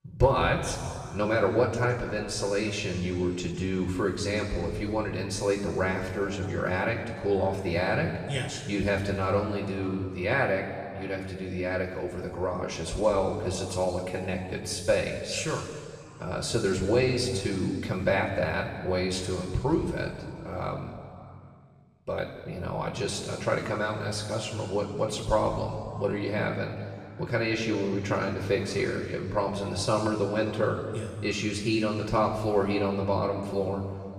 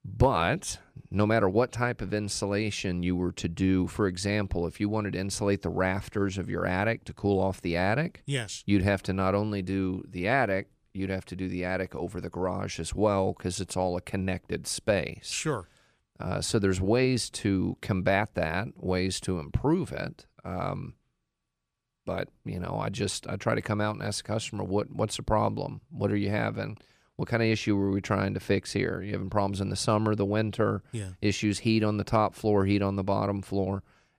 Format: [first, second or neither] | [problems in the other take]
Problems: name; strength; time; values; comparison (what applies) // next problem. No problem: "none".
second | room echo; noticeable; dies away in 2 s // off-mic speech; far